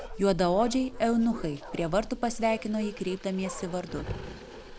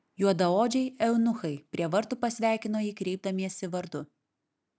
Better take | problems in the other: second | background sound (Bark); 11 dB below the speech

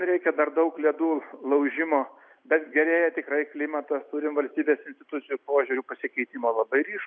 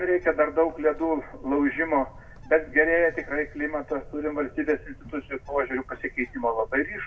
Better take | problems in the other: first | background sound (Bird); 18 dB below the speech // room echo; dies away in 0.4 s

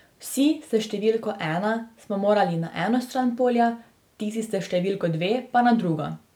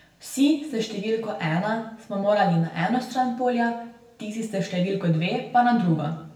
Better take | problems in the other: first | room echo; dies away in 0.7 s

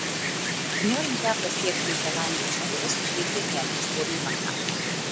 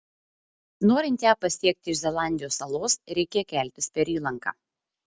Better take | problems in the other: second | background sound (Wind); 5 dB above the speech

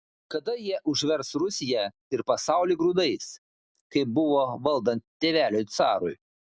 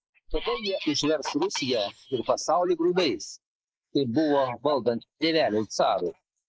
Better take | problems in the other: first | noise reduction (neural mask model Resemble Enhance denoiser)

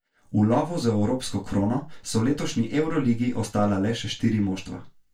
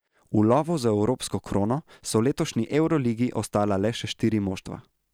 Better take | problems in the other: second | room echo; dies away in 0.2 s

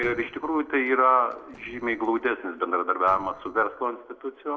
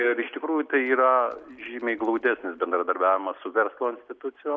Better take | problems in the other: second | noise reduction (neural separator model SepFormer DNS4)

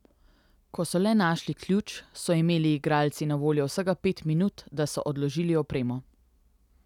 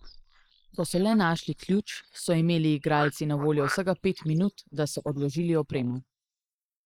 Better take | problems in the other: first | noise reduction (neural mask model Resemble Enhance denoiser)

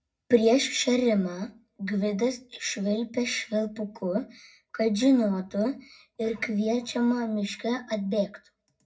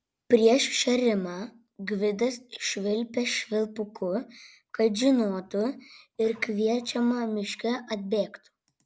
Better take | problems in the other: second | room echo; dies away in 0.4 s

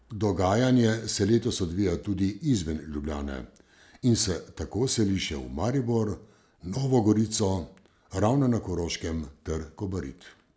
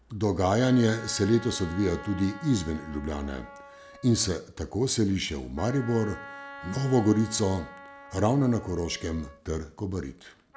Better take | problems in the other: first | background sound (Wind instrument, woodwind instrument); 18 dB below the speech

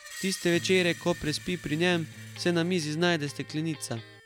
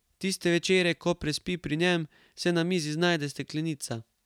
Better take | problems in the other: second | background sound (Electric guitar + Screech); 15 dB below the speech

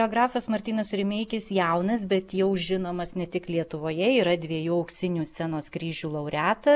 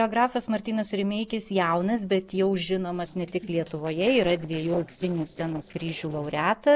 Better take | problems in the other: first | noise reduction (neural separator model SepFormer DNS4)

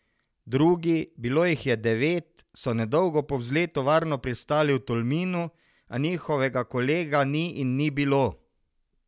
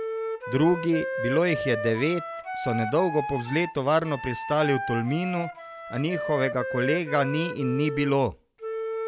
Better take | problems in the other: first | background sound (Wind instrument, woodwind instrument); 6 dB below the speech

